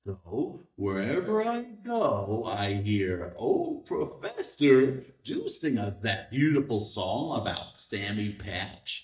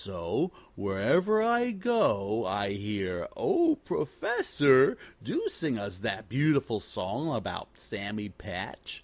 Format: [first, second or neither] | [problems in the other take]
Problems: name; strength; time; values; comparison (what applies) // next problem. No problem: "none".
second | noise reduction (neural mask model DeepFilterNet 3)